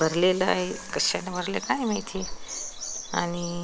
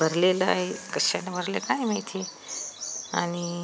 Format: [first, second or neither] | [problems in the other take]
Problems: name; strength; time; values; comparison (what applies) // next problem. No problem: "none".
second | background sound (Domestic sounds, home sounds); 13 dB below the speech